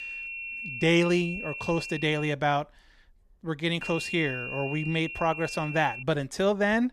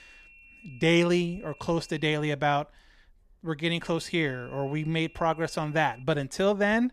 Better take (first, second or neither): second